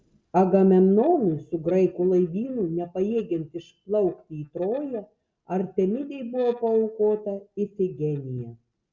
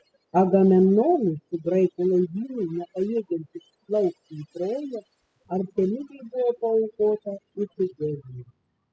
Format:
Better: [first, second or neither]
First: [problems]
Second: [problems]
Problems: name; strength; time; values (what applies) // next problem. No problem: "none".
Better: first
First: none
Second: noise reduction (classical method spectral subtraction)